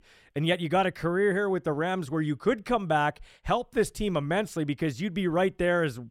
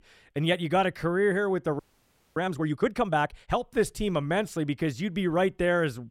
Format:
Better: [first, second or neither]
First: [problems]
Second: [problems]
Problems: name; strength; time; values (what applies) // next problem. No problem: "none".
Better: first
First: none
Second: audio freezing; at 2 s for 0.5 s